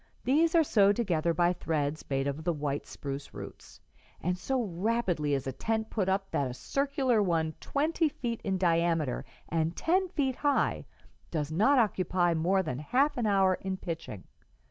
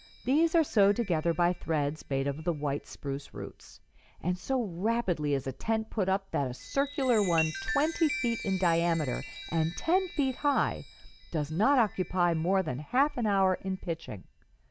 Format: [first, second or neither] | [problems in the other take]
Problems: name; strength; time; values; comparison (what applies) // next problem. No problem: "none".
first | background sound (Chime); 16 dB below the speech